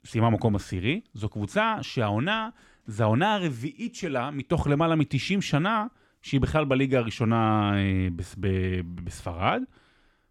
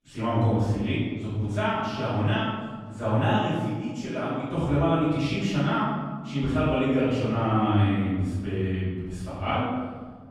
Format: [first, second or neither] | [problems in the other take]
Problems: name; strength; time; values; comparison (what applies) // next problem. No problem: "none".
first | room echo; strong; dies away in 1.4 s // off-mic speech; far